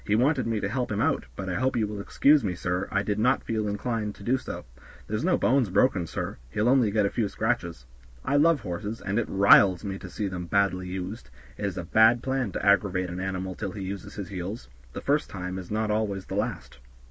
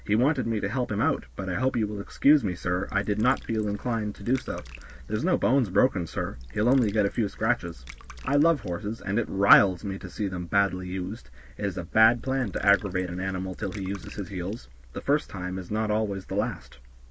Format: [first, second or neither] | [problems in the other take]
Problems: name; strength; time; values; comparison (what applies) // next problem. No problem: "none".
first | background sound (Water / Liquid); 16 dB below the speech